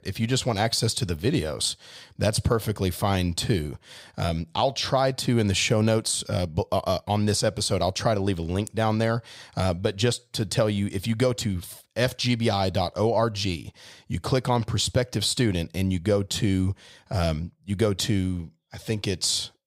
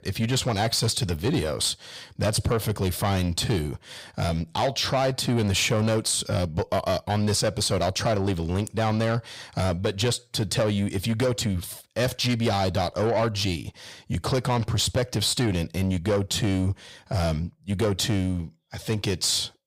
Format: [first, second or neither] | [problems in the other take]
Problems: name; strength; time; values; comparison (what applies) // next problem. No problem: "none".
first | distortion; slight; 10 dB below the speech